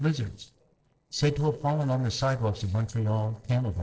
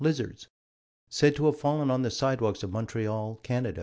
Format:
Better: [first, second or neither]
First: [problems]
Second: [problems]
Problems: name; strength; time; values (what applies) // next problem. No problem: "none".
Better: second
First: noise reduction (neural separator model SepFormer DNS4)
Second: none